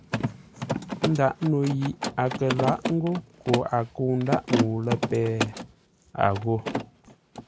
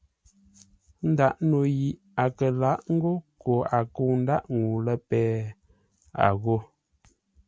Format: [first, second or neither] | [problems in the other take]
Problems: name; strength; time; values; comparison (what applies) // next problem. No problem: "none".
second | background sound (Mechanisms); 4 dB below the speech